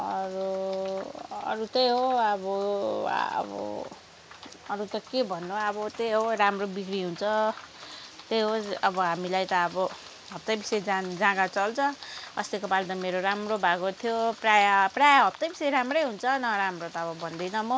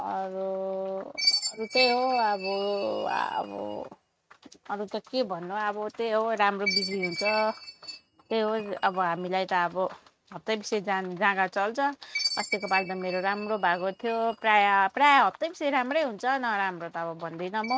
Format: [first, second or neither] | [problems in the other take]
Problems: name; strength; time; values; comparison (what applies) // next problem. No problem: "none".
first | noise reduction (neural mask model RNNoise)